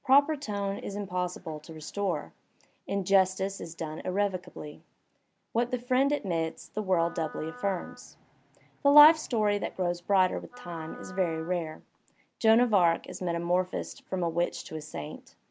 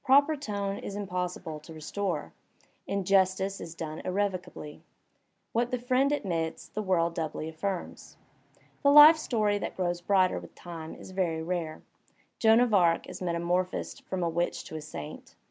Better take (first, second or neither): second